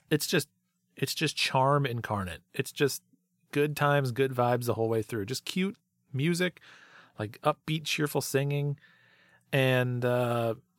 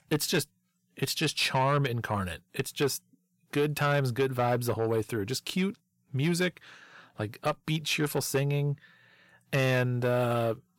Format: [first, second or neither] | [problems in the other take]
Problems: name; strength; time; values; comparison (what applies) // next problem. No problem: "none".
first | distortion; slight; 10 dB below the speech